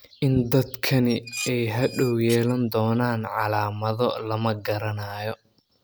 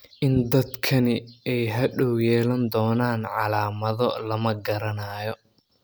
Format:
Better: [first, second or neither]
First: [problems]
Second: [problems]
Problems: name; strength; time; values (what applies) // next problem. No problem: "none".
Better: second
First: background sound (Dishes, pots, and pans); 15 dB below the speech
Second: none